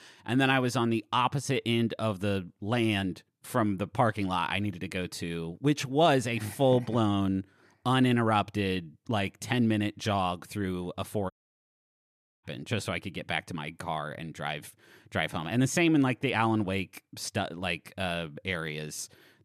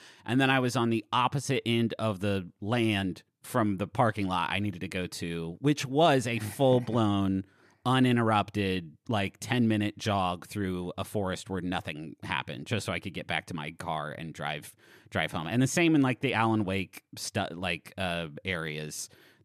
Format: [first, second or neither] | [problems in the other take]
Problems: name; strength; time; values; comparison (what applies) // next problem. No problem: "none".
second | audio cutting out; at 11 s for 1 s